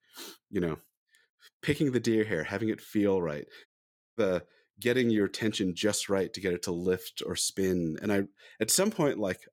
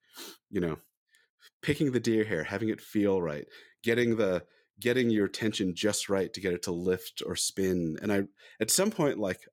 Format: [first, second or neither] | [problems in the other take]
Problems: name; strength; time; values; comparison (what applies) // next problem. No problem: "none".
second | audio cutting out; at 3.5 s for 0.5 s